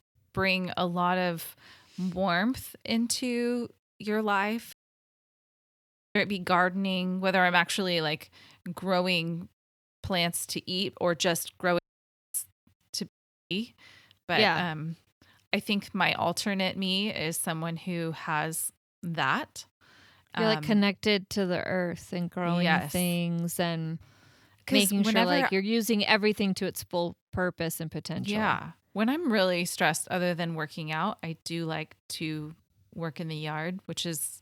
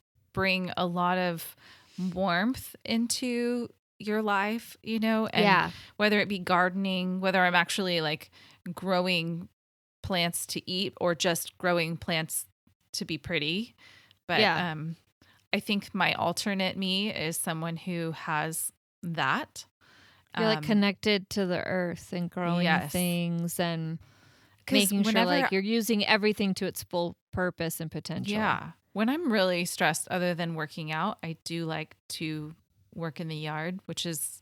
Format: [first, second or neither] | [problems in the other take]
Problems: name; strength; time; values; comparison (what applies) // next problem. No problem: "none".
second | audio cutting out; at 4.5 s for 1.5 s, at 12 s for 0.5 s and at 13 s